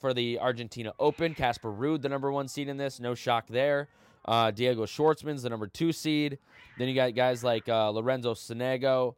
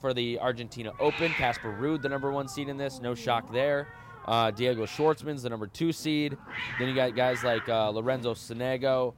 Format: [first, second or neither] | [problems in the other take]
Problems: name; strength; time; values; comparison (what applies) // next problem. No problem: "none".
first | hiss; loud; throughout; 9 dB below the speech; faint in the first